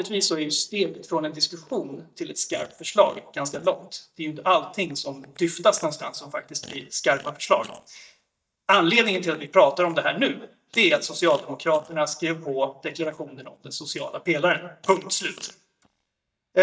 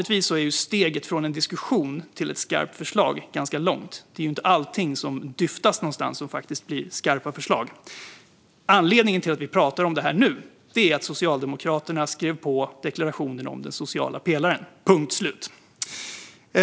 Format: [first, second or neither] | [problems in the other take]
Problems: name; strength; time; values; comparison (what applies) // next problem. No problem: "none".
second | noise reduction (neural mask model DeepFilterNet 3)